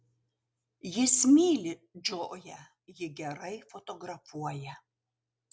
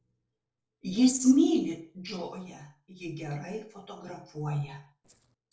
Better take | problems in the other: first | noise reduction (neural separator model SepFormer DNS4)

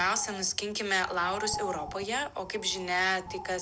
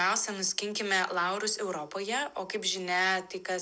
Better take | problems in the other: second | background sound (Bird); 11 dB below the speech

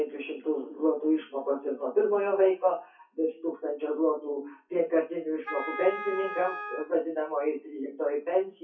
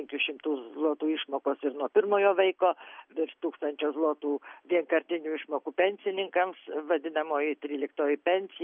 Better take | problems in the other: second | noise reduction (classical method WPE with log-MMSE)

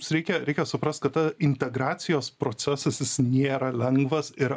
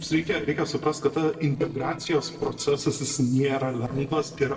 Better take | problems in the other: first | noise reduction (neural separator model SepFormer DNS4)

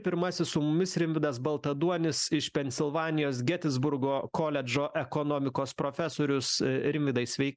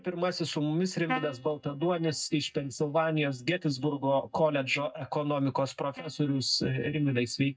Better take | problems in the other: first | noise reduction (neural mask model DeepFilterNet 3)

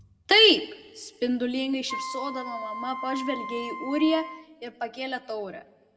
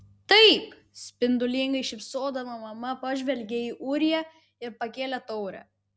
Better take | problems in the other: second | background sound (Wind instrument, woodwind instrument); 10 dB below the speech // room echo; dies away in 0.8 s

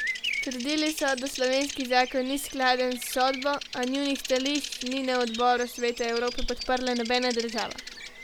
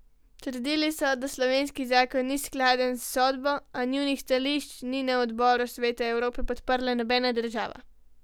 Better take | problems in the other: second | background sound (Bird vocalization, bird call, bird song); 9 dB below the speech

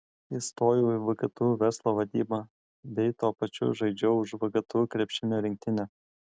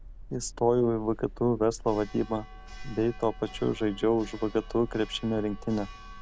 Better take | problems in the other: first | background sound (Church bell); 14 dB below the speech

